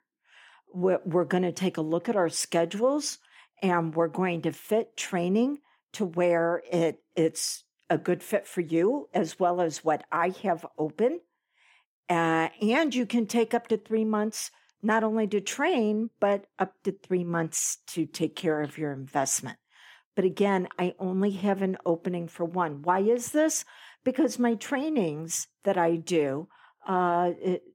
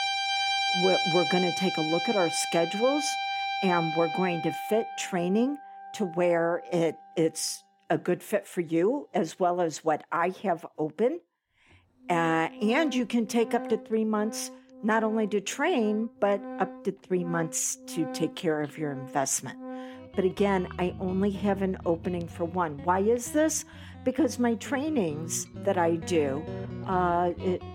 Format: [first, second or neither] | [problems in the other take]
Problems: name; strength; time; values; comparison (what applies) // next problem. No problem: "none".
first | background music; loud; throughout; 6 dB below the speech